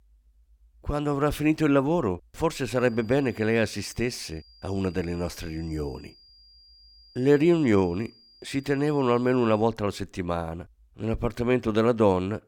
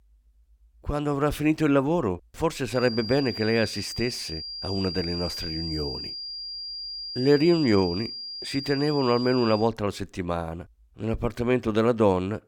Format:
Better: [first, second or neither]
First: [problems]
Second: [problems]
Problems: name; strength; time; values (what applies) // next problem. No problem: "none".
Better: first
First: high-pitched whine; faint; from 3 to 9.5 s; 5 kHz, 25 dB below the speech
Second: high-pitched whine; loud; from 3 to 9.5 s; 5 kHz, 8 dB below the speech